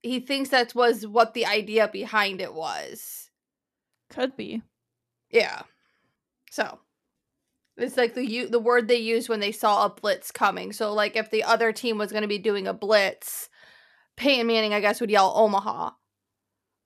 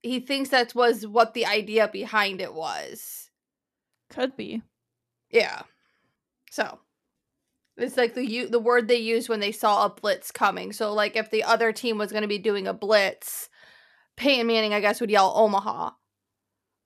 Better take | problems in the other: neither | none

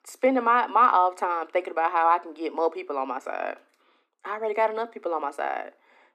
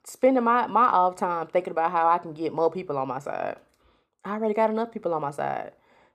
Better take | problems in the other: second | thin; very slightly; fading below 250 Hz

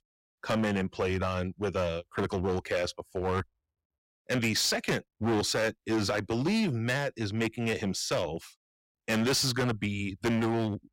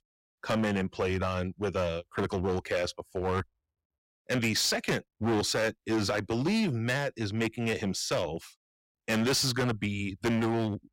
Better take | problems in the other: neither | distortion; heavy; 12% of the sound clipped; the same in both

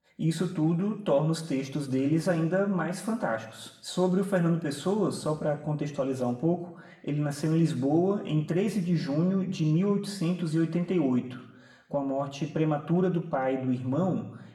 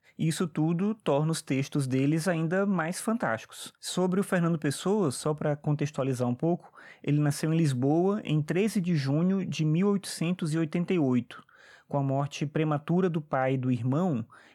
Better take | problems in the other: second | room echo; slight; dies away in 0.8 s // off-mic speech; somewhat distant

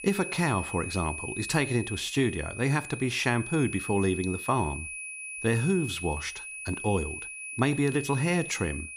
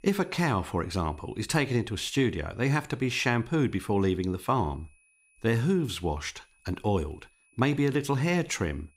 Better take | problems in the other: second | high-pitched whine; loud; throughout; 2.5 kHz, 8 dB below the speech; faint in the second

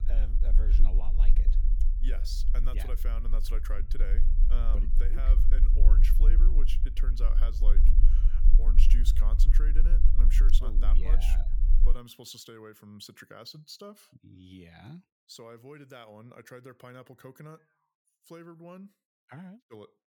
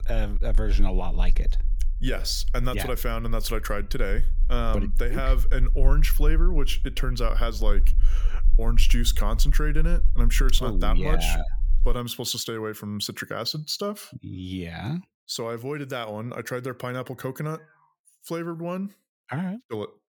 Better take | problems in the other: second | low rumble; loud; until 12 s; 6 dB below the speech; faint in the second

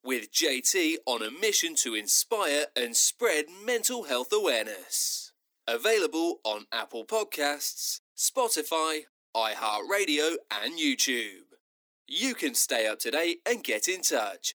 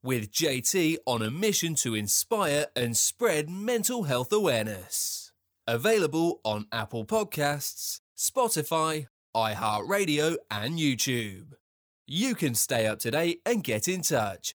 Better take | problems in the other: second | thin; very slightly; fading below 250 Hz

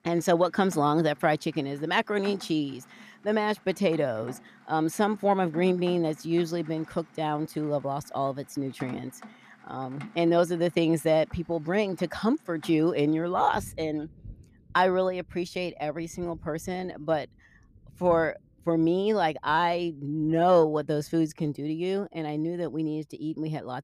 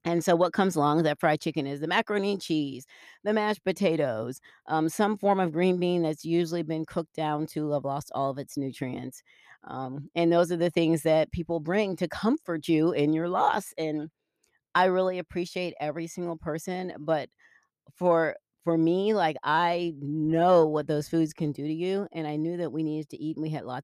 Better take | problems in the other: second | rain or running water; faint; throughout; 25 dB below the speech

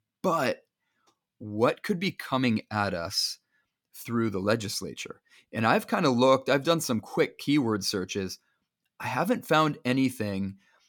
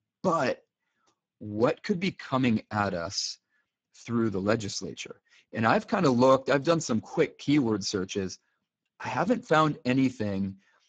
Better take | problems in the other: first | garbled, watery; badly

